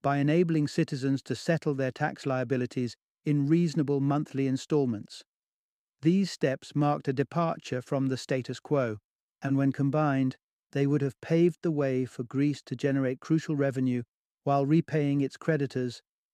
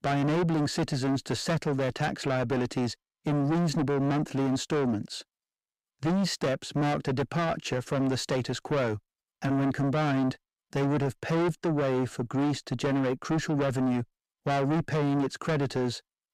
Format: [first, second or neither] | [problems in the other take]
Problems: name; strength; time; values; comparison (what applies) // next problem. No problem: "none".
first | distortion; heavy; 6 dB below the speech